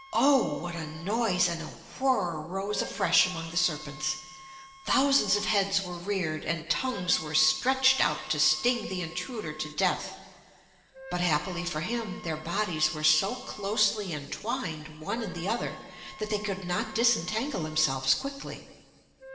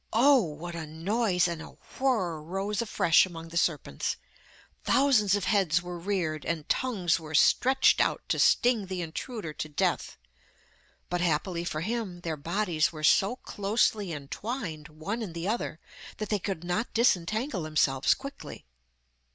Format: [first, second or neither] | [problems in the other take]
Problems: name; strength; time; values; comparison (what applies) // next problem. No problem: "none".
second | background sound (Wind instrument, woodwind instrument); 19 dB below the speech // room echo; dies away in 2 s